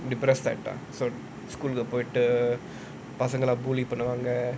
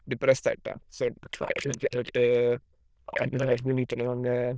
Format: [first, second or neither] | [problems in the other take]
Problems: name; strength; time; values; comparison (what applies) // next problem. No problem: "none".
first | noise reduction (neural diffusion model UNIVERSE++)